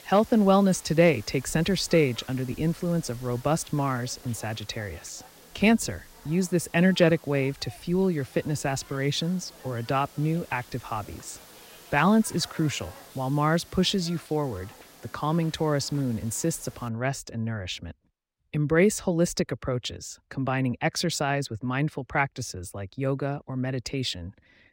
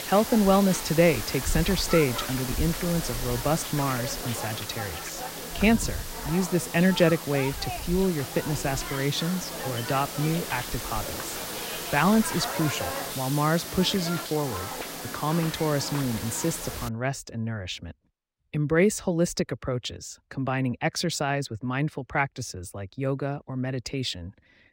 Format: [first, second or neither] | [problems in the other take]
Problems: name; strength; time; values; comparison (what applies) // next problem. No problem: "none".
first | hiss; loud; until 17 s; 6 dB below the speech; faint in the first